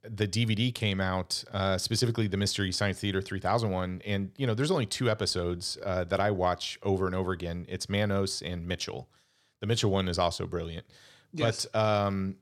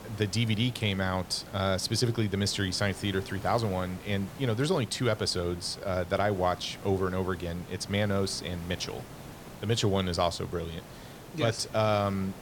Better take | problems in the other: first | hiss; noticeable; throughout; 15 dB below the speech

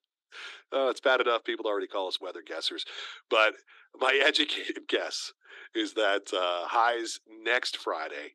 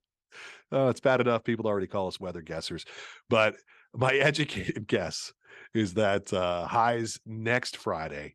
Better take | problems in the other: second | thin; somewhat; fading below 300 Hz

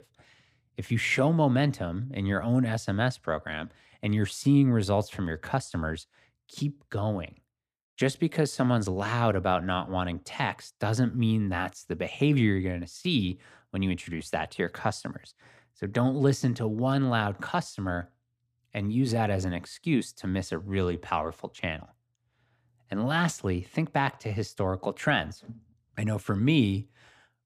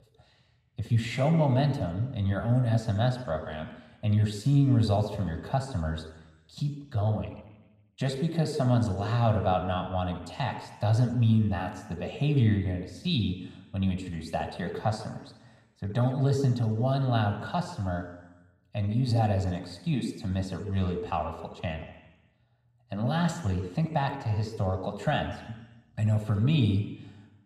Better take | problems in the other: first | room echo; slight; dies away in 0.9 s

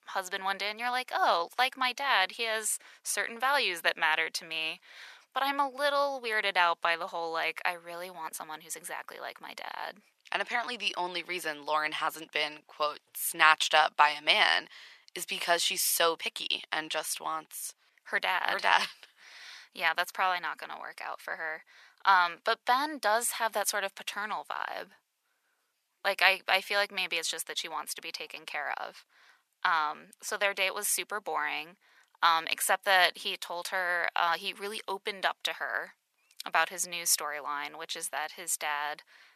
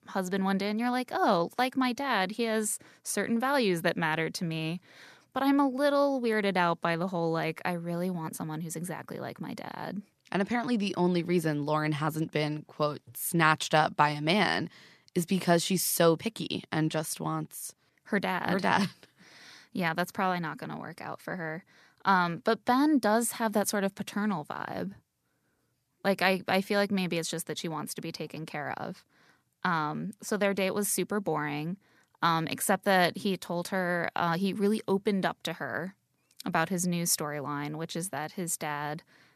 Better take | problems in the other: second | thin; very; fading below 850 Hz

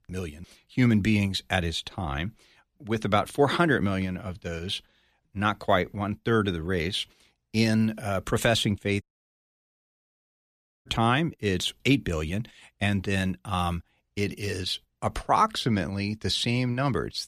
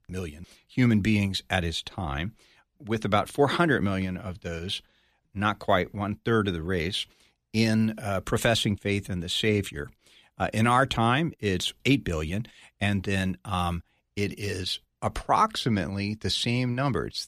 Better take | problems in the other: second | audio cutting out; at 9 s for 2 s

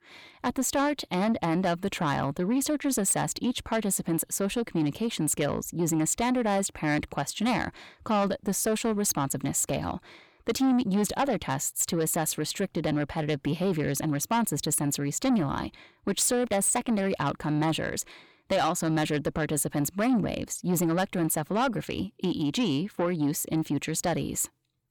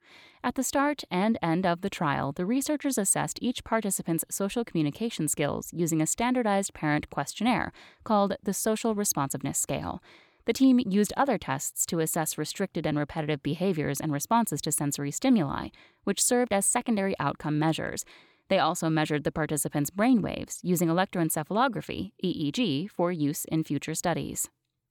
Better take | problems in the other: second | distortion; slight; 10 dB below the speech

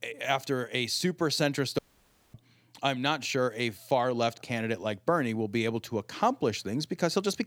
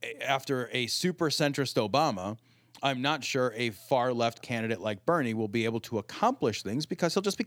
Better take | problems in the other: second | audio cutting out; at 2 s for 0.5 s

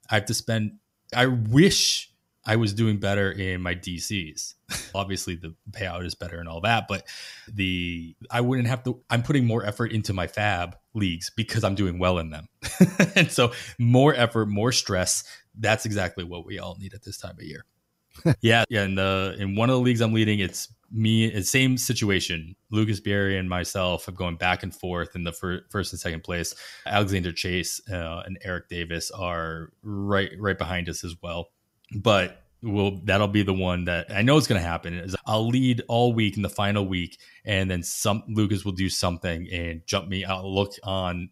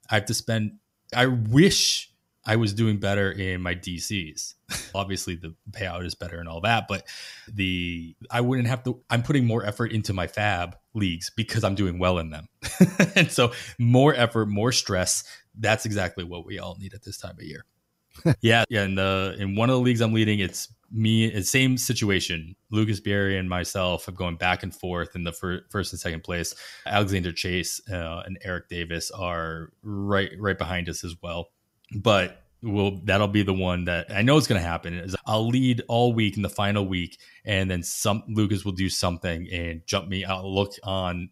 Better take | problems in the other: neither | none

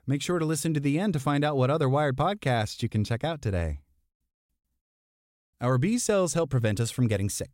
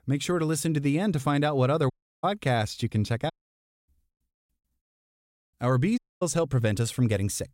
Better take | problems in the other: first | audio cutting out; at 2 s, at 3.5 s for 0.5 s and at 6 s

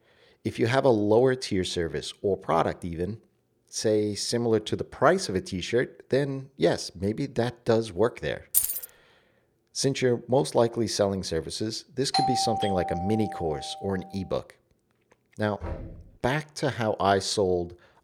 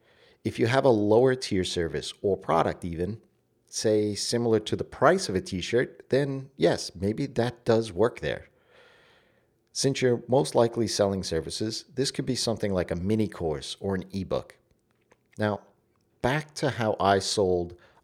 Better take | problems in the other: second | jangling keys; loud; at 8.5 s; peak 3 dB above the speech // doorbell; loud; from 12 to 14 s; peak 1 dB above the speech // door banging; faint; at 16 s; peak 10 dB below the speech

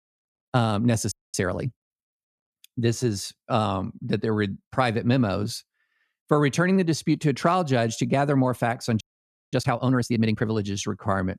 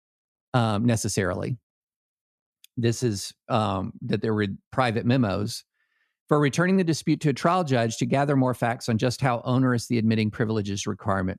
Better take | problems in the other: second | audio freezing; at 1 s and at 9 s for 0.5 s

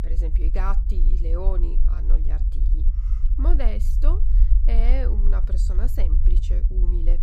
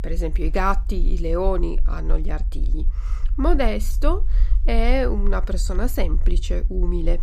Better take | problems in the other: second | low rumble; loud; throughout; 8 dB below the speech; faint in the second

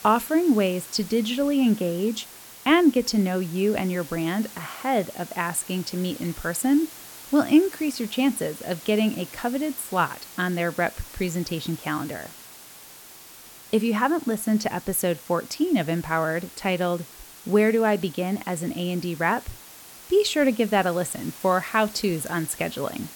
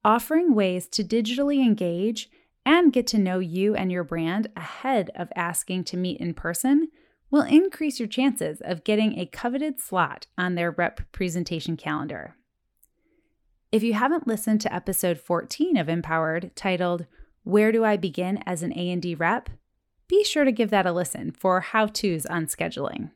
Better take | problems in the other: second | hiss; noticeable; throughout; 15 dB below the speech

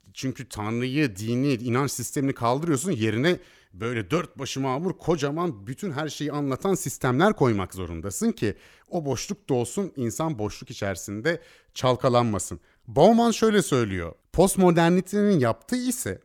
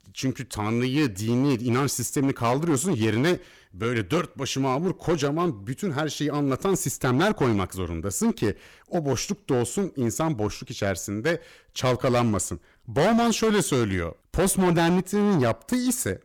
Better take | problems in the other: first | distortion; heavy; 9% of the sound clipped

